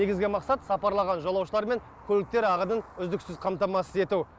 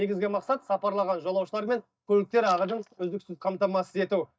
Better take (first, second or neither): first